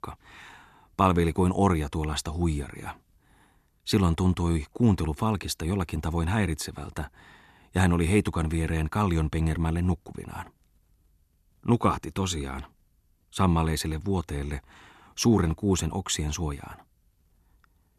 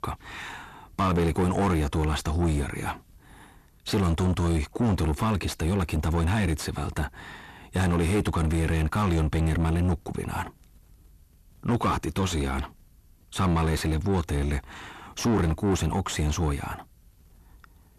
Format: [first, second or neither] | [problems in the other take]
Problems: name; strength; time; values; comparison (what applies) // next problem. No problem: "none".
first | distortion; heavy; 6 dB below the speech